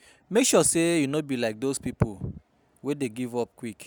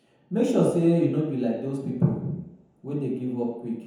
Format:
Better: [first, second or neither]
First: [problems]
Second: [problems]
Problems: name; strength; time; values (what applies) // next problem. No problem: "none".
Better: first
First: none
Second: room echo; dies away in 0.9 s